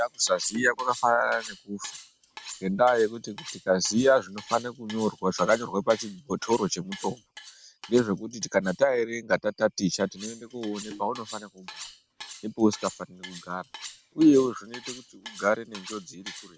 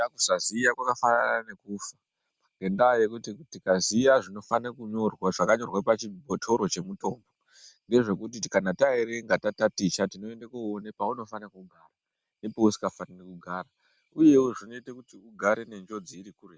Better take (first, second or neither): second